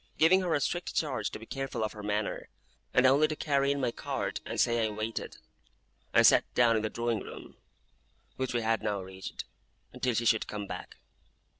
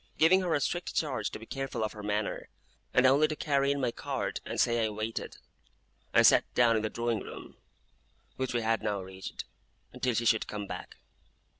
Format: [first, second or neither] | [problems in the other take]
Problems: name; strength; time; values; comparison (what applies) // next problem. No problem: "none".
second | noise reduction (neural separator model SepFormer DNS4)